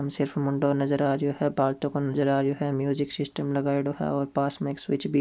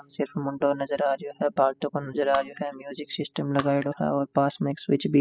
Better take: first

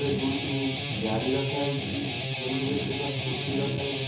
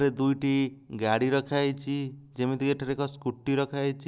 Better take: second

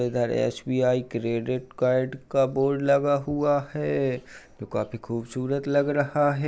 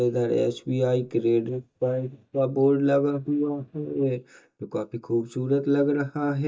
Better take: first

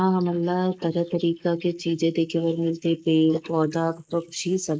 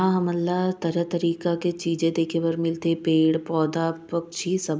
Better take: second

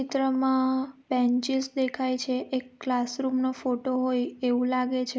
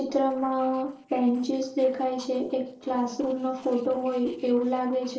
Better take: first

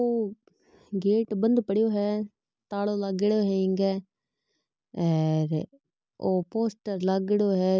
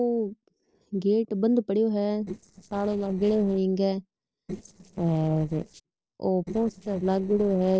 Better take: first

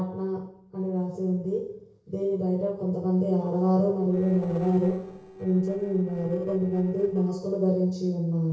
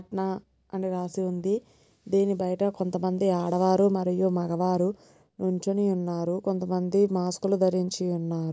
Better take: second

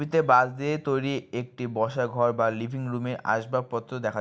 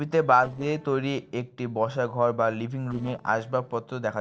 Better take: first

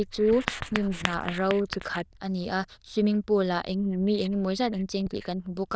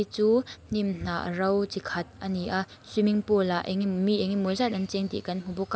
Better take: second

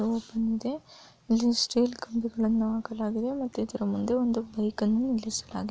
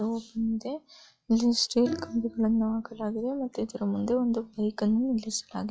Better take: first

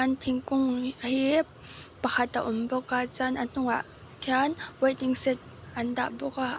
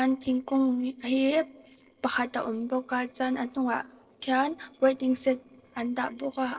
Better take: first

